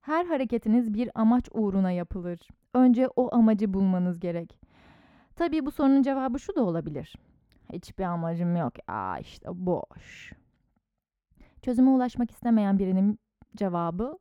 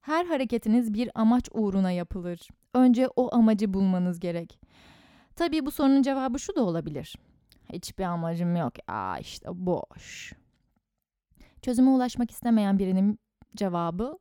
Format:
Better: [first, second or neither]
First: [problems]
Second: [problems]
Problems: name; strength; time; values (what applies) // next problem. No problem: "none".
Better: second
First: muffled; slightly; fading above 3 kHz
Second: none